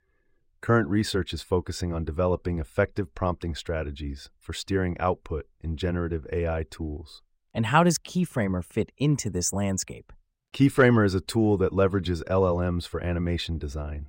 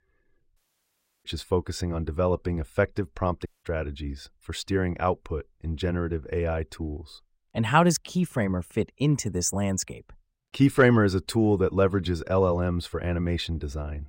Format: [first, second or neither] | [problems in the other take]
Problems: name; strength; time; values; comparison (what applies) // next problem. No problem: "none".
first | audio cutting out; at 0.5 s for 0.5 s and at 3.5 s